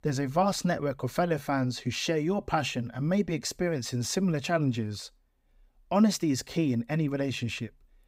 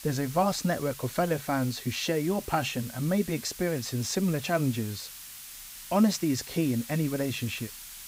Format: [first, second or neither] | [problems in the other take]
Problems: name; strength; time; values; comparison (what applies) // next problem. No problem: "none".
first | hiss; noticeable; throughout; 15 dB below the speech